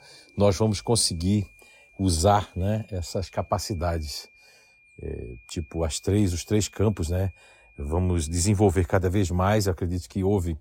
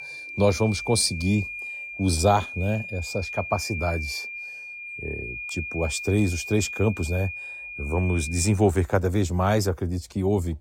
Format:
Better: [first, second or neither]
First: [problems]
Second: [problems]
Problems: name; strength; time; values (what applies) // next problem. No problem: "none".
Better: first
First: high-pitched whine; faint; until 8.5 s; 2.5 kHz, 30 dB below the speech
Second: high-pitched whine; loud; until 8.5 s; 2.5 kHz, 8 dB below the speech